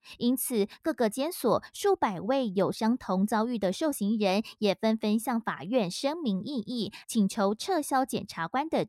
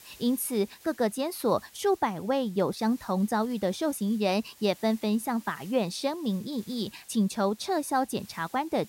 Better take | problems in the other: first | hiss; faint; throughout; 25 dB below the speech

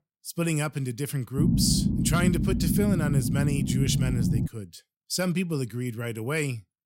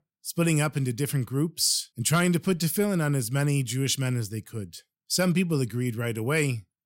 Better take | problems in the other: second | low rumble; loud; from 1.5 to 4.5 s; 3 dB below the speech

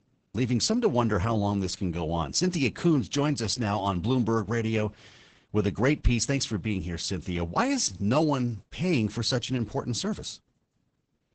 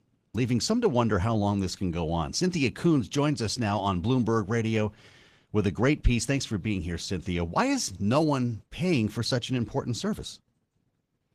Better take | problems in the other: second | garbled, watery; badly; nothing above 8 kHz; slightly in the second

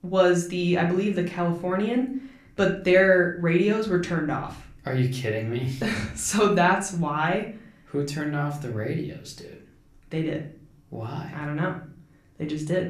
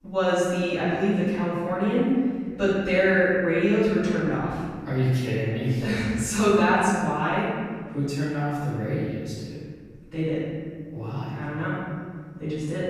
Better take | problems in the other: first | room echo; strong; dies away in 1.9 s; slight in the first // off-mic speech; far; somewhat distant in the first

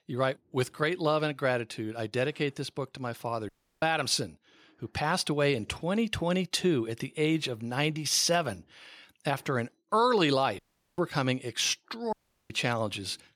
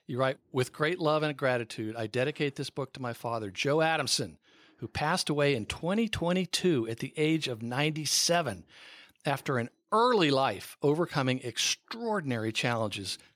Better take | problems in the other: second | audio cutting out; at 3.5 s, at 11 s and at 12 s

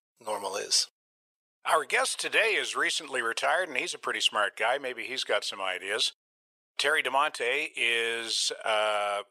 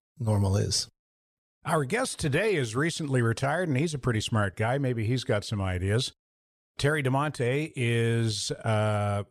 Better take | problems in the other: second | thin; very; fading below 550 Hz

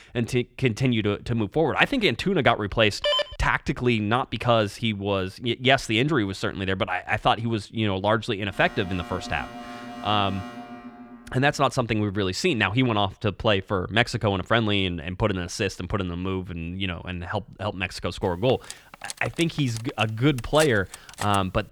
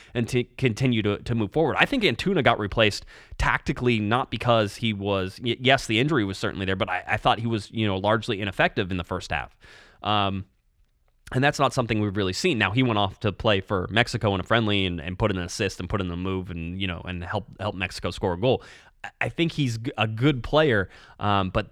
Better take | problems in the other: second | phone ringing; loud; at 3 s; peak 1 dB above the speech // alarm; faint; from 8.5 to 12 s; peak 15 dB below the speech // clattering dishes; noticeable; from 18 s on; peak 8 dB below the speech

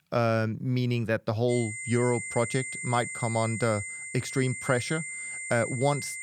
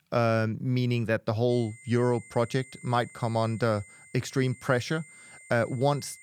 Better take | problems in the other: second | high-pitched whine; loud; from 1.5 s on; 2 kHz, 6 dB below the speech; faint in the second

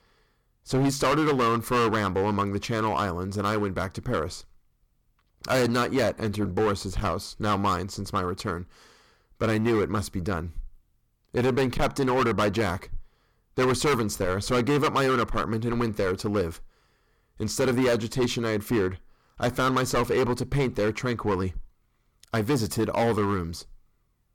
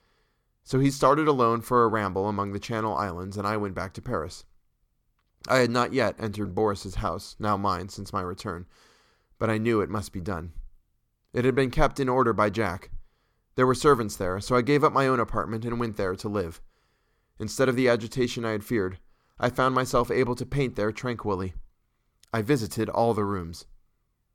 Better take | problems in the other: second | distortion; heavy; 10% of the sound clipped

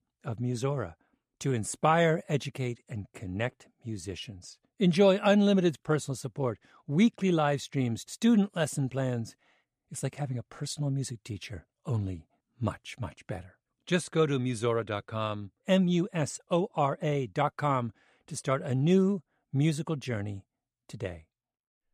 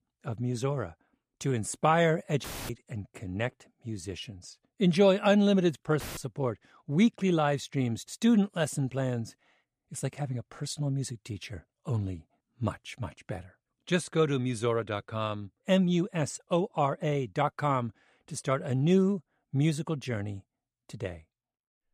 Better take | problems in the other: first | audio cutting out; filled with static; at 2.5 s and at 6 s

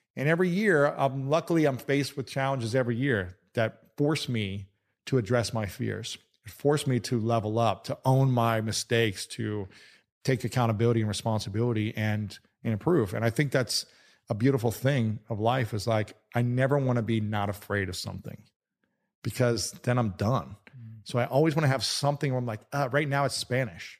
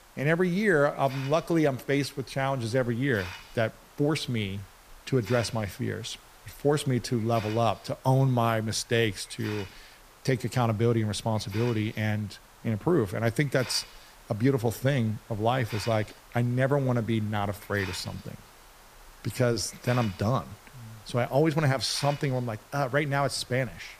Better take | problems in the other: first | hiss; noticeable; throughout; 20 dB below the speech

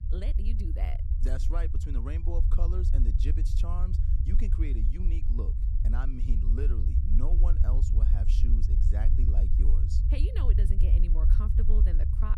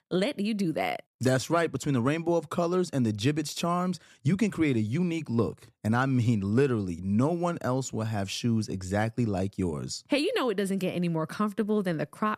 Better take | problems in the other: second | low rumble; loud; throughout; 2 dB below the speech

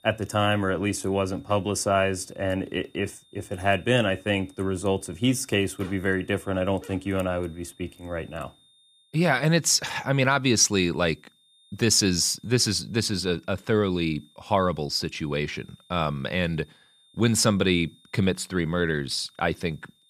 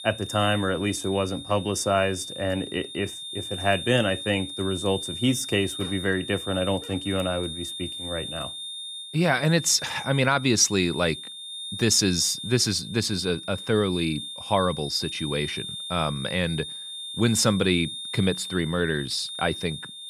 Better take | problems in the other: first | high-pitched whine; loud; throughout; 3.5 kHz, 9 dB below the speech; faint in the first

